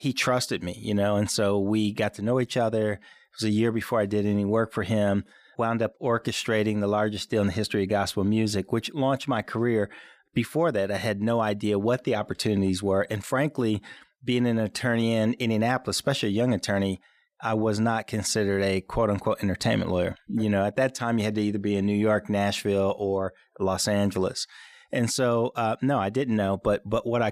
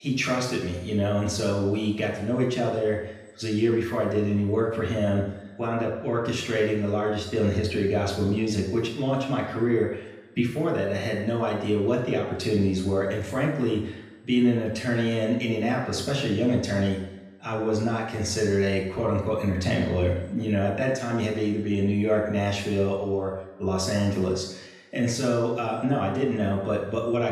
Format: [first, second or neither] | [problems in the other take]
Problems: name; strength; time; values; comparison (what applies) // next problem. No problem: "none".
first | room echo; noticeable; dies away in 0.8 s // off-mic speech; far